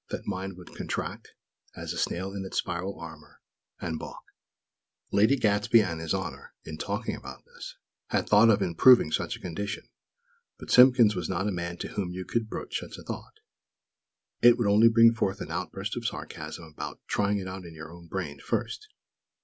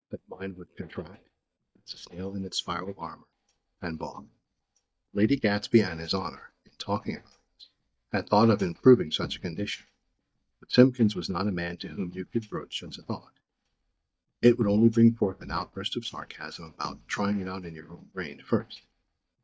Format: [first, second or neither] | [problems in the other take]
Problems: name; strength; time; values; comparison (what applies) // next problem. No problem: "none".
first | noise reduction (neural mask model DeepFilterNet 3)